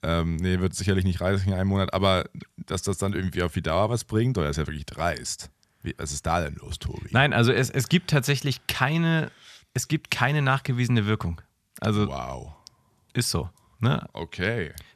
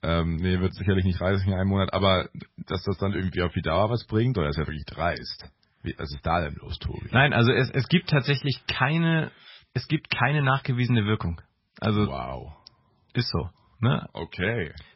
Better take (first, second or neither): first